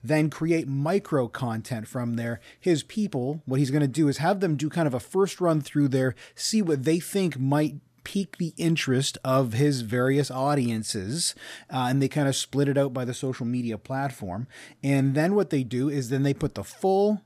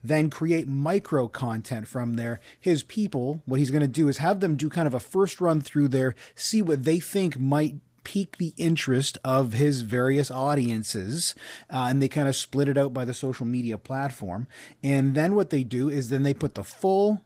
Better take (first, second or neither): first